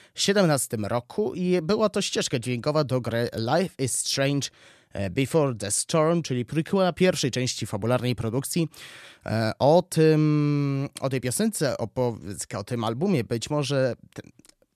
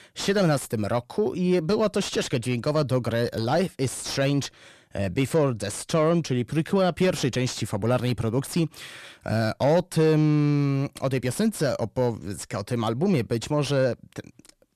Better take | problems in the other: first | distortion; slight; 10 dB below the speech

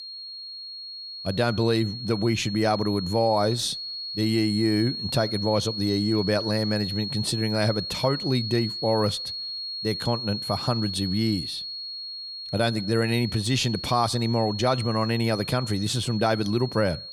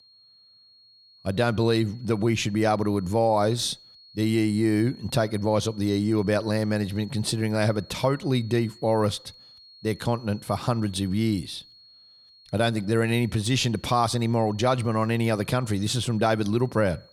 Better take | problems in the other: second | high-pitched whine; loud; throughout; 4.5 kHz, 6 dB below the speech; faint in the second

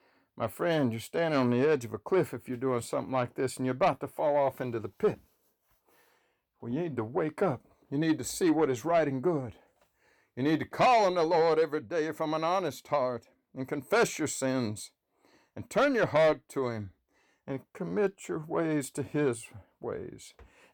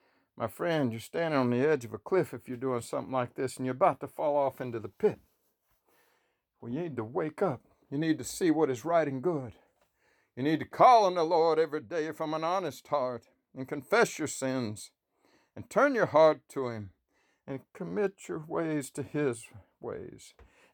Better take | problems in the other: second | distortion; slight; 10 dB below the speech

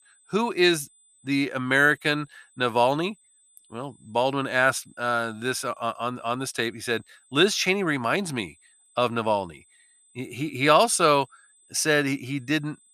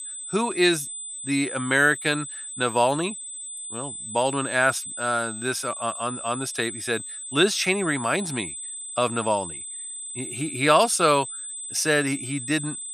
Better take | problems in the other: first | high-pitched whine; loud; throughout; 8 kHz, 8 dB below the speech; faint in the first

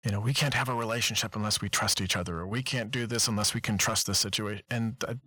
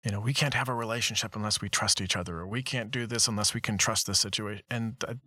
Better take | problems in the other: second | distortion; slight; 6% of the sound clipped

